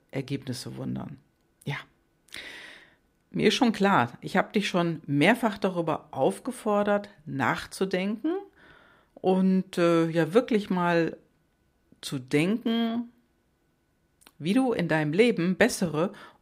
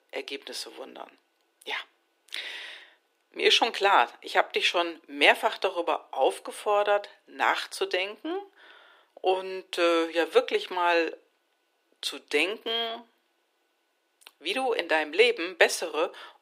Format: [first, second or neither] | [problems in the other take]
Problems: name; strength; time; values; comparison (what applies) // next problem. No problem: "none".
first | thin; very; fading below 350 Hz